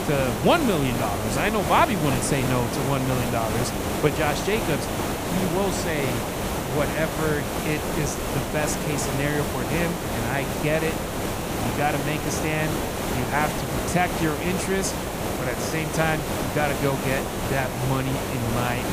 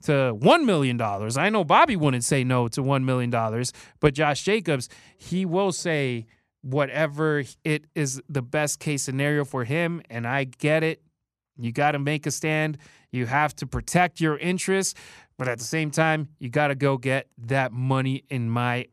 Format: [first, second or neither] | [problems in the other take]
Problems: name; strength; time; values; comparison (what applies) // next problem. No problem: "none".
second | hiss; loud; throughout; 1 dB below the speech